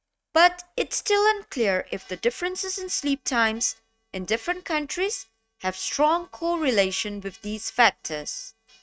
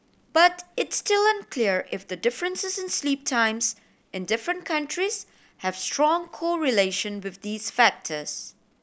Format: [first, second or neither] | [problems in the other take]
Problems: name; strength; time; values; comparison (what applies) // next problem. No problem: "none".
second | noise reduction (neural mask model RNNoise)